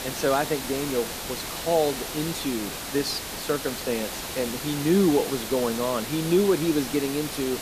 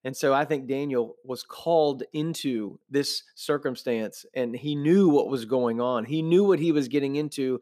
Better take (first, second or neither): second